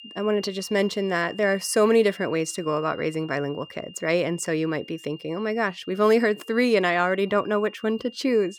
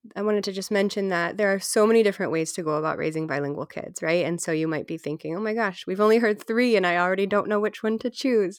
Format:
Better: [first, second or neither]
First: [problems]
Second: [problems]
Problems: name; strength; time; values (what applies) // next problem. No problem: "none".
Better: second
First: high-pitched whine; noticeable; throughout; 3 kHz, 20 dB below the speech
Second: none